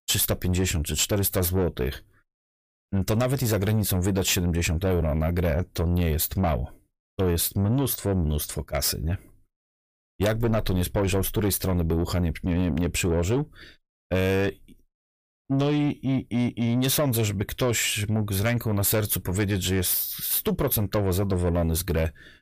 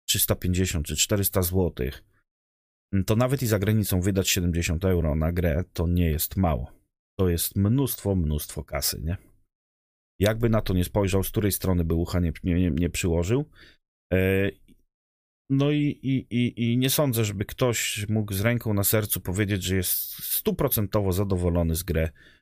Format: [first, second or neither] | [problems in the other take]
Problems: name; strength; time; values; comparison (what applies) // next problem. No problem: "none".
second | distortion; slight; 9 dB below the speech